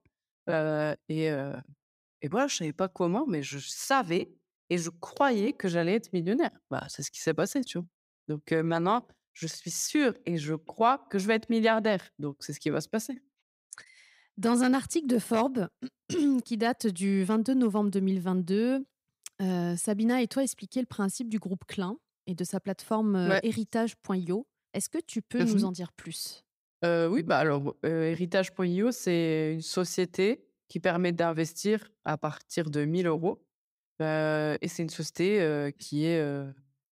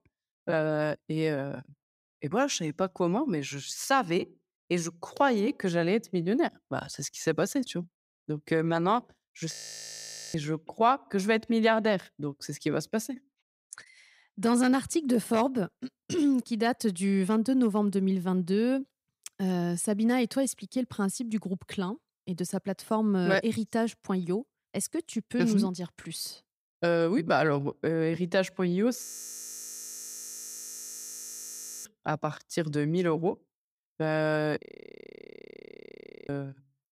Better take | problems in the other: first | audio freezing; at 9.5 s for 1 s, at 29 s for 3 s and at 35 s for 1.5 s

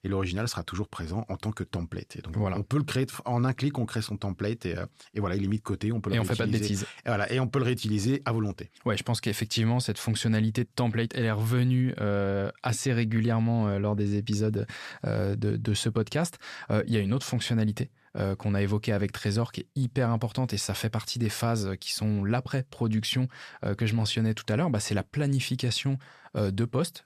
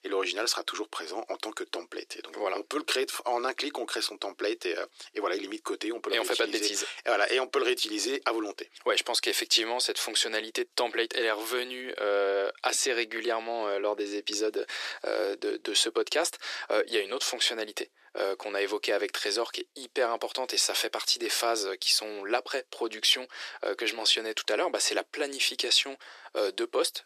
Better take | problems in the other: first | thin; very; fading below 350 Hz

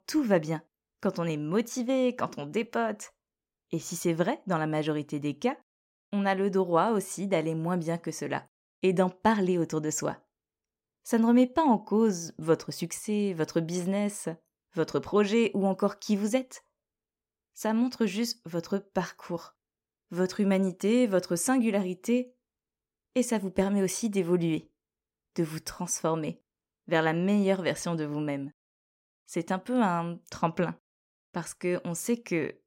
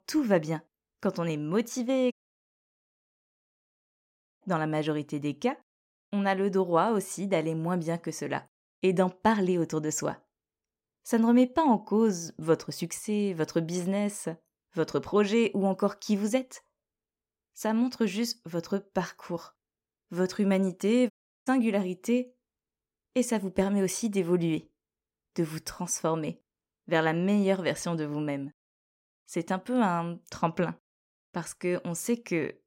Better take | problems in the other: first | audio cutting out; at 2 s for 2.5 s and at 21 s

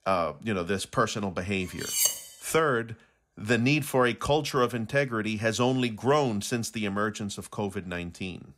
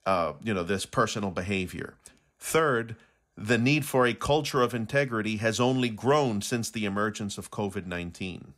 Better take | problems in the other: second | clattering dishes; loud; at 2 s; peak 3 dB above the speech

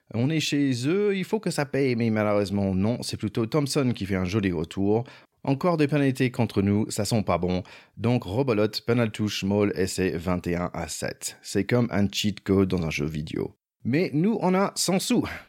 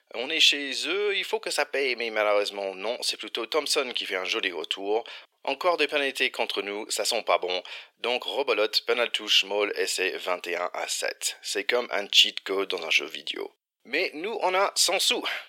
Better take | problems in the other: first | thin; very; fading below 450 Hz

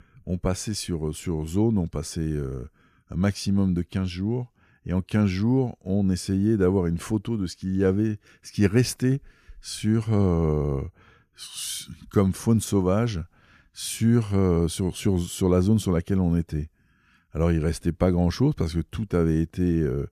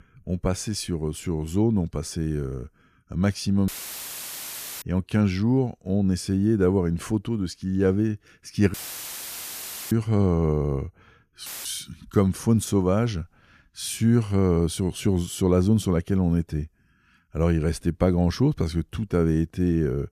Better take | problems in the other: first | audio cutting out; filled with static; at 3.5 s for 1 s, at 8.5 s for 1 s and at 11 s

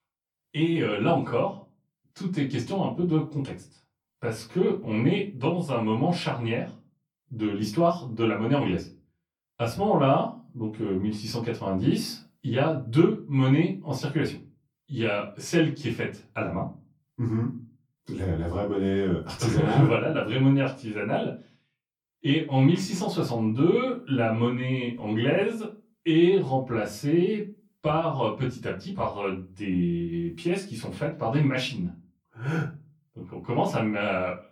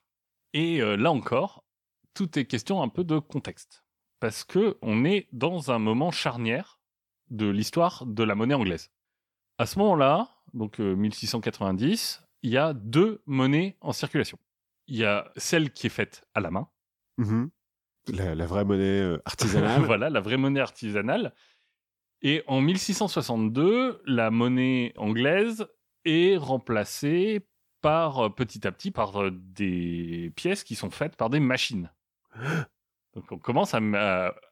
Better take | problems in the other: second | off-mic speech; far // room echo; very slight; dies away in 0.3 s

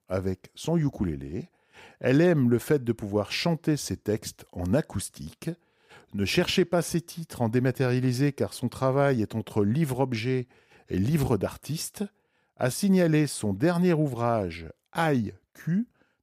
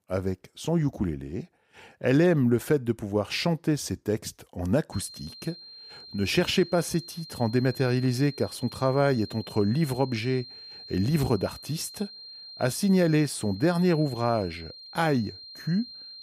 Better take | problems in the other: first | high-pitched whine; noticeable; from 5 s on; 4 kHz, 15 dB below the speech

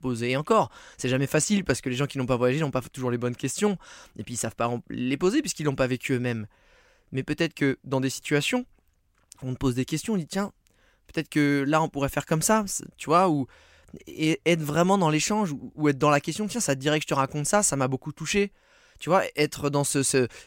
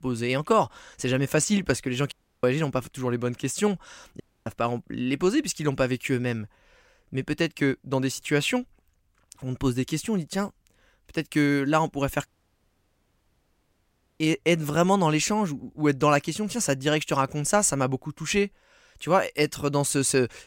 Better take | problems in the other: first | audio cutting out; at 2 s, at 4 s and at 12 s for 2 s

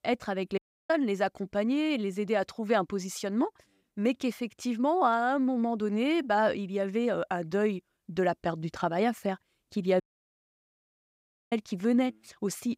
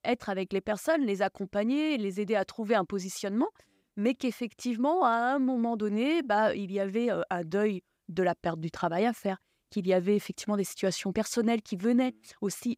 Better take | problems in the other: second | audio cutting out; at 0.5 s and at 10 s for 1.5 s

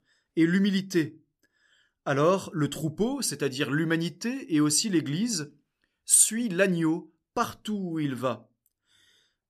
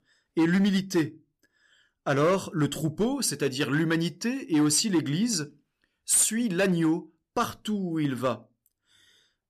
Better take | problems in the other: first | distortion; slight; 4% of the sound clipped

